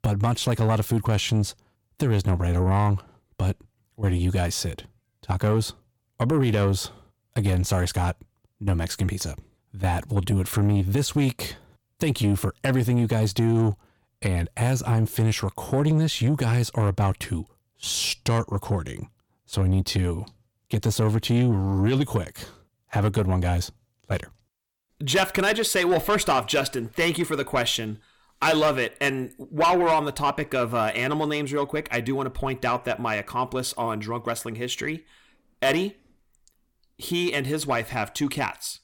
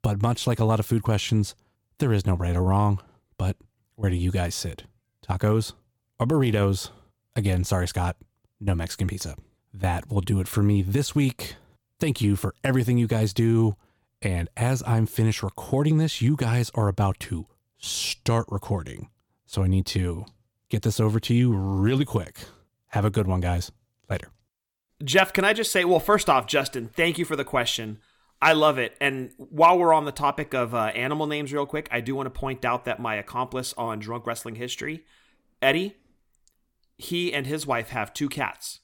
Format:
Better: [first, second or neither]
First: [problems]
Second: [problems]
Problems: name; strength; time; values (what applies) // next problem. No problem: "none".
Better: second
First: distortion; slight; 10 dB below the speech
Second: none